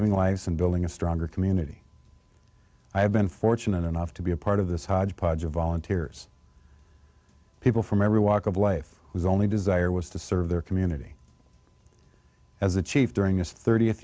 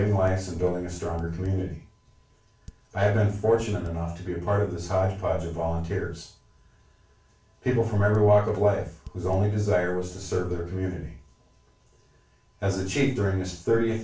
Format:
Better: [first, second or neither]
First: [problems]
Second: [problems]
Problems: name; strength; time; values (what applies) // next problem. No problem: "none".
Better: first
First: none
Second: background sound (Dishes, pots, and pans); 19 dB below the speech // room echo; dies away in 0.3 s